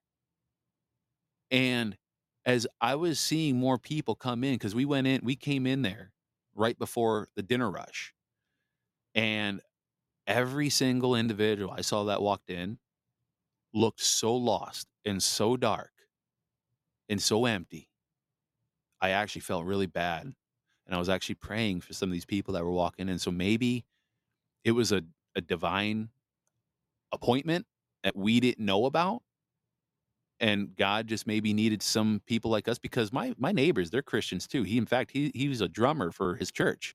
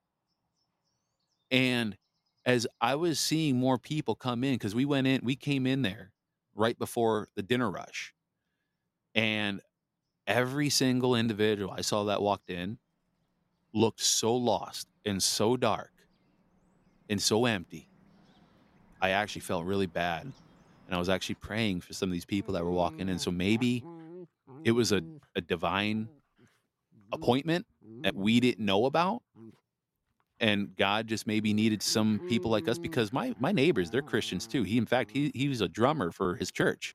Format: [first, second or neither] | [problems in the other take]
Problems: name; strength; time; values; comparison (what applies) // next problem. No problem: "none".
first | animal sounds; noticeable; throughout; 20 dB below the speech